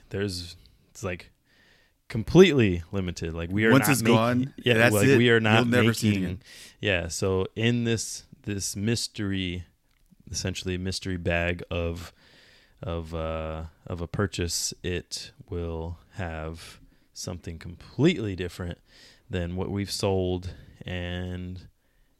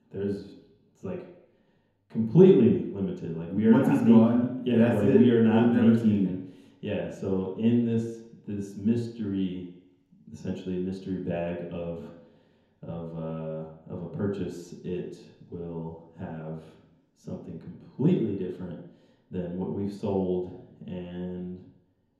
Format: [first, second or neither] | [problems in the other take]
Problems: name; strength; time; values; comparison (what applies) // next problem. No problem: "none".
first | room echo; noticeable; dies away in 0.9 s // off-mic speech; far